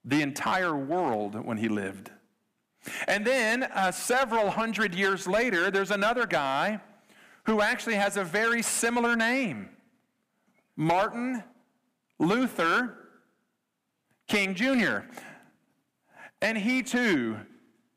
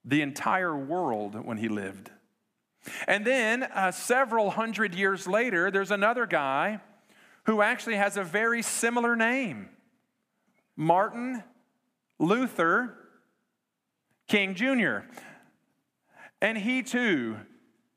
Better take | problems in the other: second | distortion; slight; 6% of the sound clipped

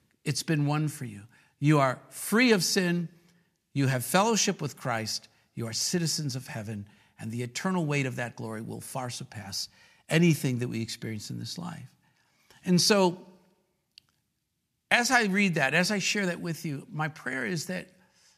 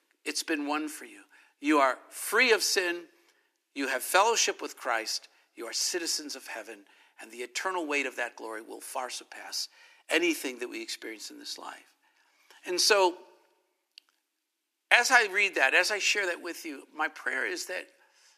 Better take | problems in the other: first | thin; very; fading below 300 Hz

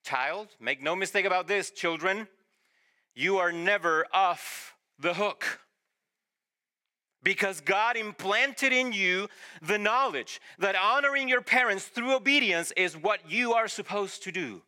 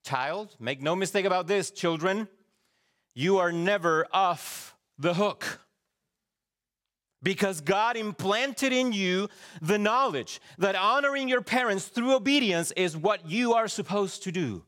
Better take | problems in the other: second | thin; very slightly; fading below 250 Hz

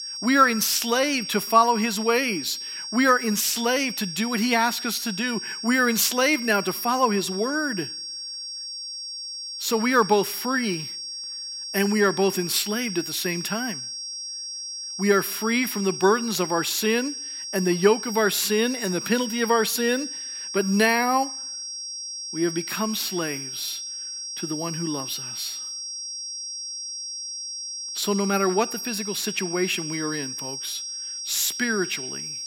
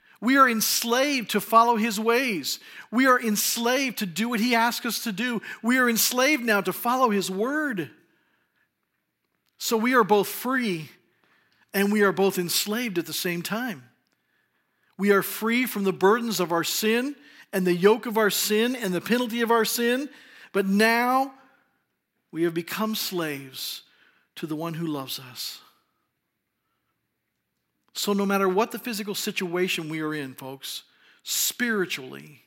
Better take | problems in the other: second | high-pitched whine; loud; throughout; 5.5 kHz, 7 dB below the speech

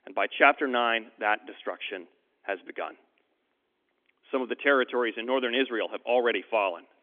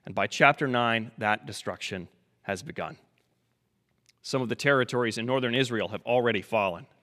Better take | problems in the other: second | phone-call audio; nothing above 3.5 kHz

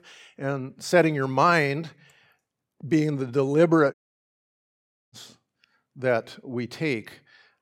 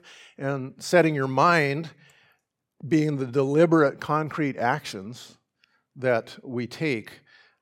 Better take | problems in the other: second | audio cutting out; at 4 s for 1 s

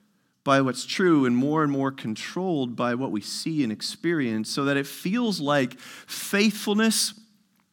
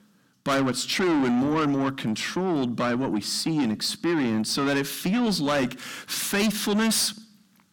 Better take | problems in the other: first | distortion; heavy; 7 dB below the speech

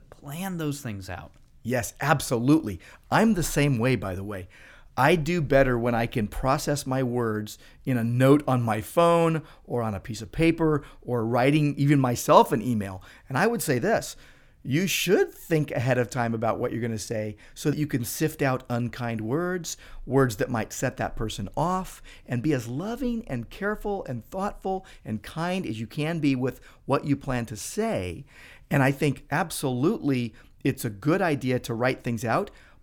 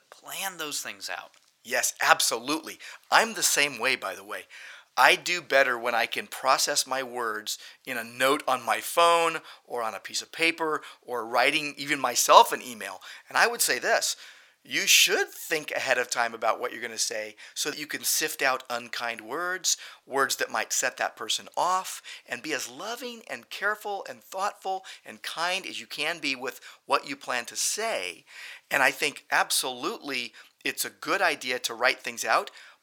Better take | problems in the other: first | thin; very; fading below 800 Hz

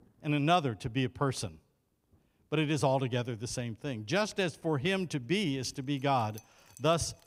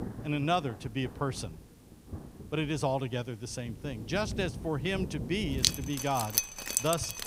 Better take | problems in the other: first | rain or running water; loud; throughout; 1 dB below the speech; faint in the first

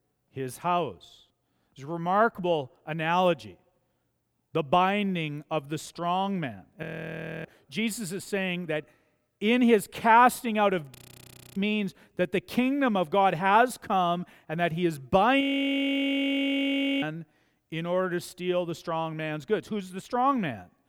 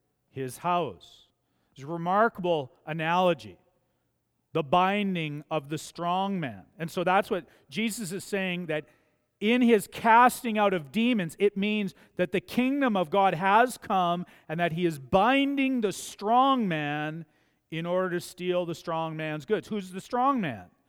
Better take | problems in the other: second | audio freezing; at 7 s for 0.5 s, at 11 s for 0.5 s and at 15 s for 1.5 s

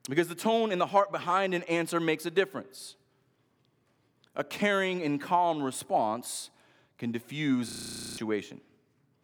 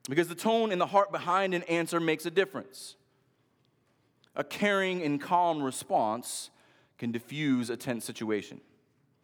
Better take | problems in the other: second | audio freezing; at 7.5 s

